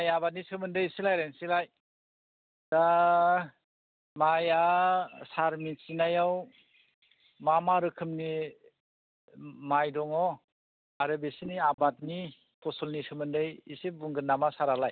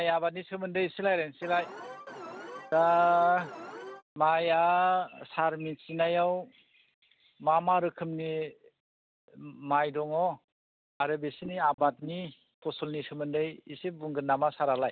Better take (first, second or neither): first